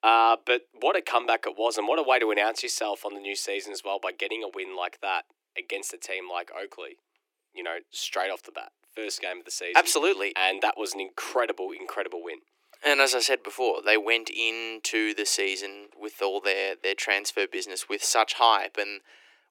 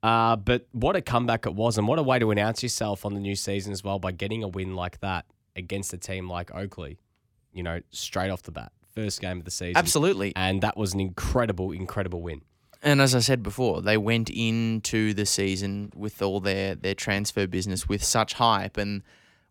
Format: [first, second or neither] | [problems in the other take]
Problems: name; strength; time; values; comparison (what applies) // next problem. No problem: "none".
second | thin; very; fading below 300 Hz